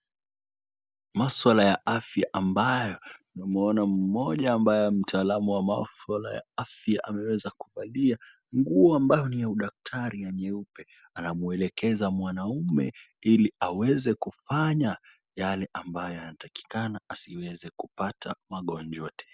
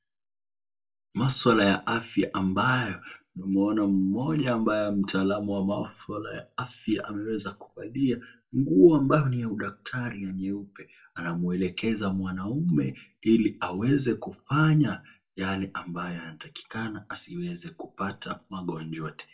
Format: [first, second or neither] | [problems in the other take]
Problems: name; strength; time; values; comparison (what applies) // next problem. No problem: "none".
first | room echo; dies away in 0.2 s